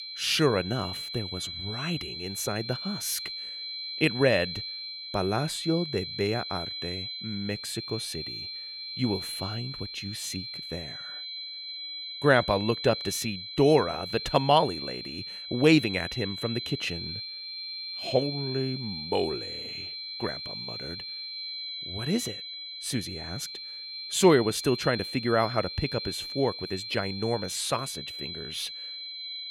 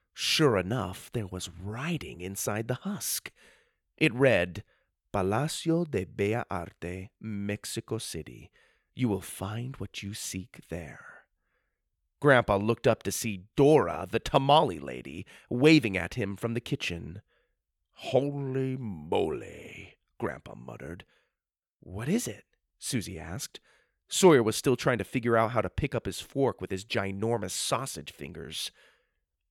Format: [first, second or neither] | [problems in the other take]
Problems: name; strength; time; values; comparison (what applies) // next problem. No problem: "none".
second | high-pitched whine; loud; throughout; 4 kHz, 7 dB below the speech